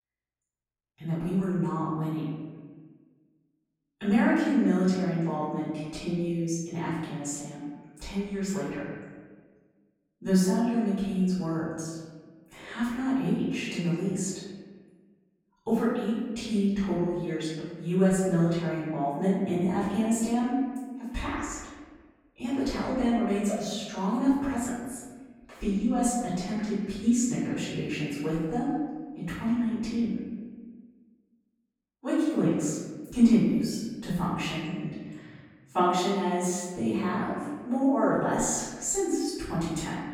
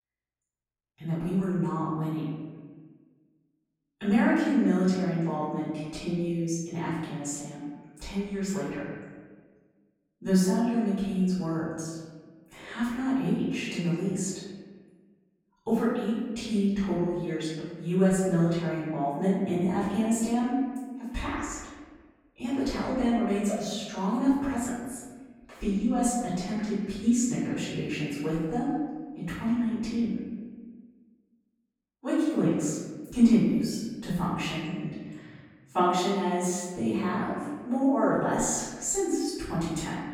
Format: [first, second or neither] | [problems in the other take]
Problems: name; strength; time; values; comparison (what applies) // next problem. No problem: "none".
neither | off-mic speech; far; the same in both // room echo; strong; dies away in 1.4 s; the same in both